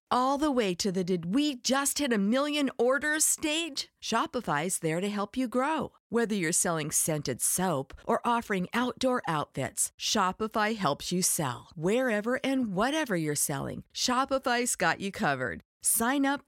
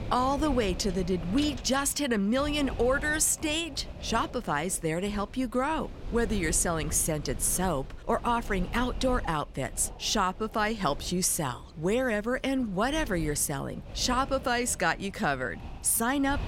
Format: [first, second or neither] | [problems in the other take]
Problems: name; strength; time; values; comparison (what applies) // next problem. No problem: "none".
first | wind noise on the microphone; occasional gusts; 20 dB below the speech